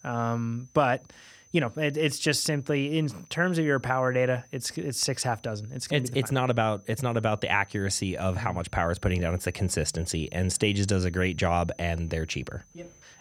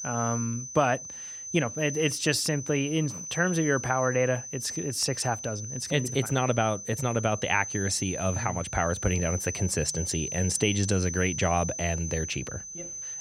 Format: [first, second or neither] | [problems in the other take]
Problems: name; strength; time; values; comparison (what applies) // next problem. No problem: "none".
first | high-pitched whine; loud; throughout; 6 kHz, 7 dB below the speech; faint in the first